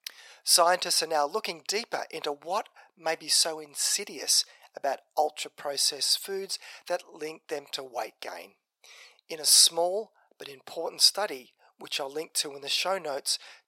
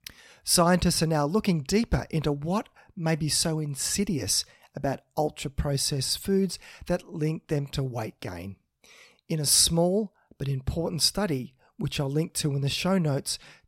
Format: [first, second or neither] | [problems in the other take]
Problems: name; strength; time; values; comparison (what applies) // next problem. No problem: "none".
second | thin; very; fading below 500 Hz